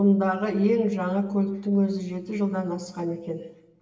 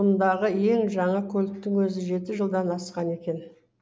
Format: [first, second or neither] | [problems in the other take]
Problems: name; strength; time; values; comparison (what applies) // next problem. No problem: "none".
second | room echo; dies away in 1.4 s